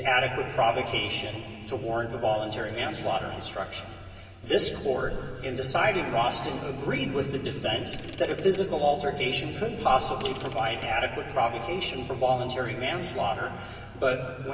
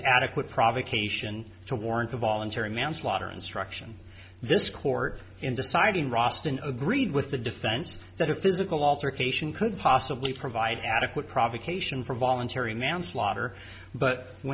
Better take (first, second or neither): second